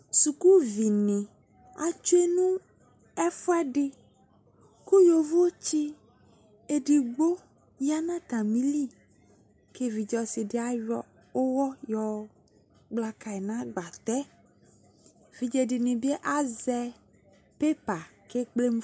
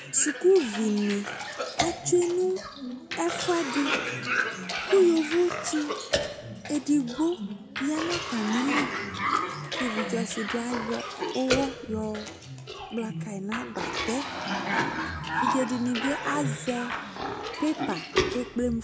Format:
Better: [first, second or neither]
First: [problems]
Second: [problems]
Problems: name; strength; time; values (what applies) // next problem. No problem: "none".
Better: first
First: none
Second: background sound (Cough); 3 dB below the speech